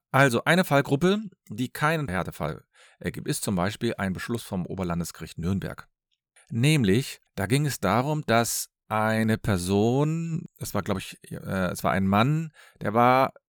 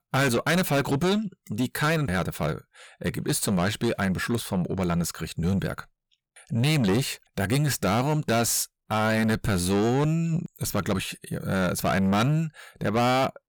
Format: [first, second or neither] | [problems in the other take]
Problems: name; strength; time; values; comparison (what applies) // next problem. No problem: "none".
first | distortion; heavy; 6 dB below the speech